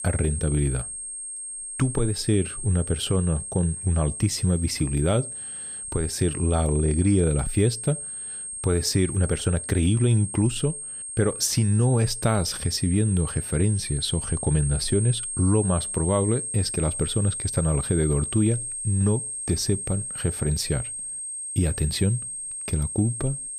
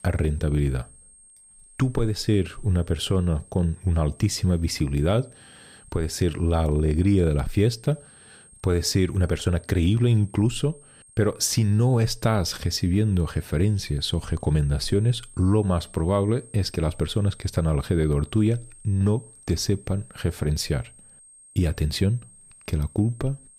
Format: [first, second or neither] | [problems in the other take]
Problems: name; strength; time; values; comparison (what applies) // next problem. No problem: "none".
second | high-pitched whine; loud; throughout; 8.5 kHz, 6 dB below the speech; faint in the second